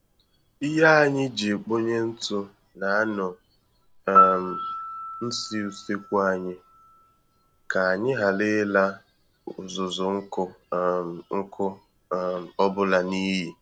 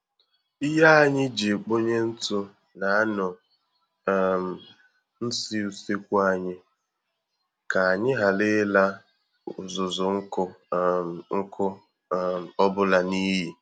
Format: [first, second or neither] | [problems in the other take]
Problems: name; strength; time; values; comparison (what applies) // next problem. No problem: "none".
second | background sound (Piano); 7 dB below the speech